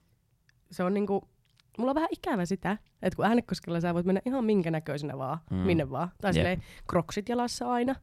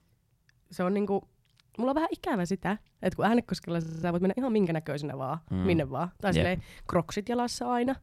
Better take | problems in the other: first | audio freezing; at 4 s

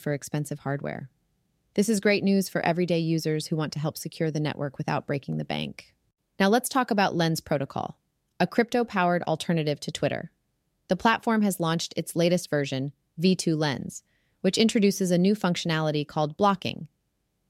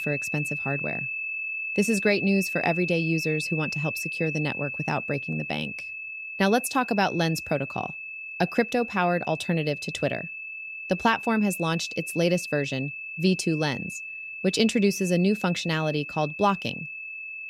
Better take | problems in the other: first | high-pitched whine; loud; throughout; 2.5 kHz, 6 dB below the speech

